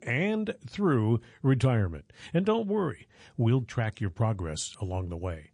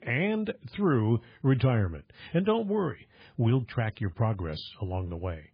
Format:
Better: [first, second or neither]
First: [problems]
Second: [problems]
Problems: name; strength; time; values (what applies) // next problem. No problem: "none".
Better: first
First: garbled, watery; slightly; nothing above 8.5 kHz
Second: garbled, watery; badly; nothing above 4.5 kHz